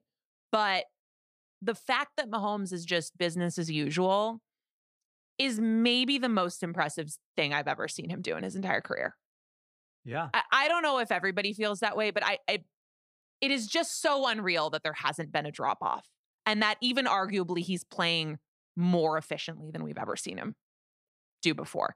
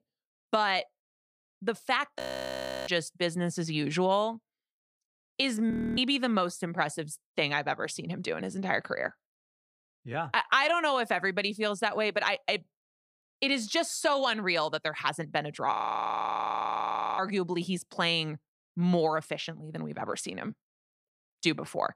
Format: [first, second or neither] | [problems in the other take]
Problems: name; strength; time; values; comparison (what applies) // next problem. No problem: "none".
first | audio freezing; at 2 s for 0.5 s, at 5.5 s and at 16 s for 1.5 s